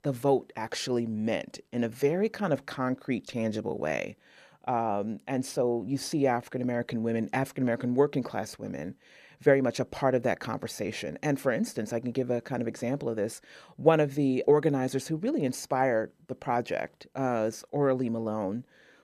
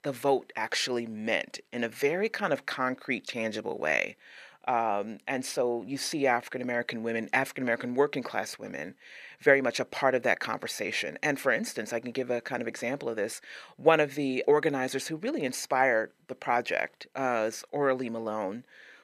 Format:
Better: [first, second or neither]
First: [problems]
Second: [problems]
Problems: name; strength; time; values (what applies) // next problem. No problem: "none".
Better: first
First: none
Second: thin; very slightly; fading below 500 Hz